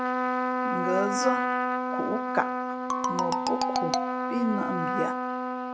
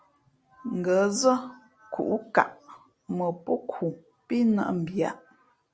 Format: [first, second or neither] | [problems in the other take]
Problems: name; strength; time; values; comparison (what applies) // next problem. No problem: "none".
second | background sound (Trumpet + Marimba, xylophone); 4 dB above the speech